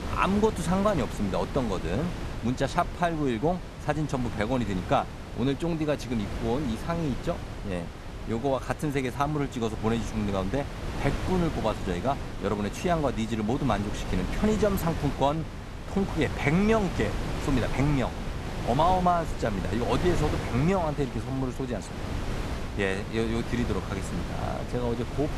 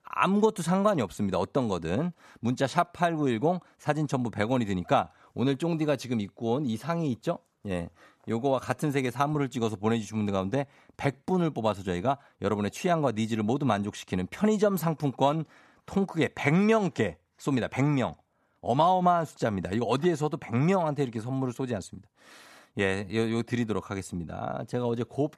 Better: second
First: wind noise on the microphone; heavy; 9 dB below the speech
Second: none

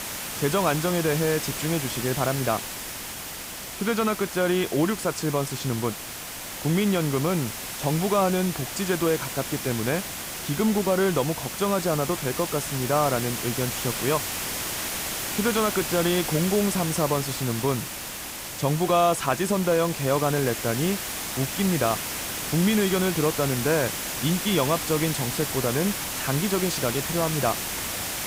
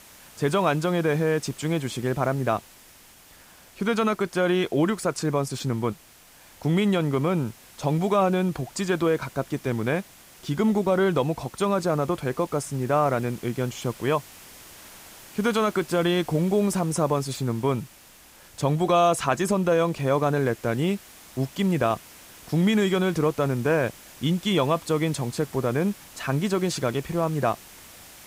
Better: second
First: hiss; loud; throughout; 4 dB below the speech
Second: hiss; faint; throughout; 20 dB below the speech

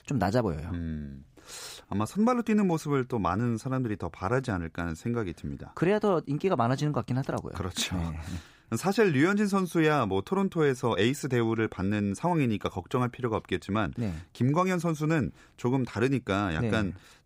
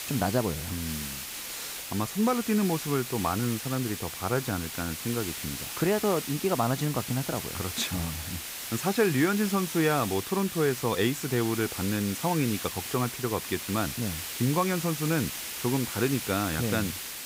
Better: first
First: none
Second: hiss; loud; throughout; 6 dB below the speech

